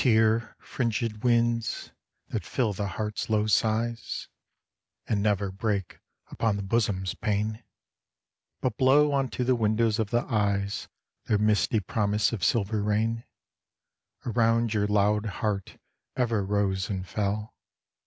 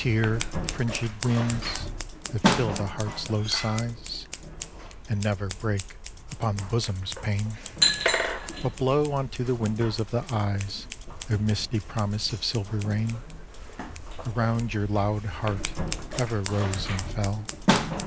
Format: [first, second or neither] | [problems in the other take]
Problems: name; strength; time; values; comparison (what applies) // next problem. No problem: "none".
first | background sound (Scissors); 3 dB below the speech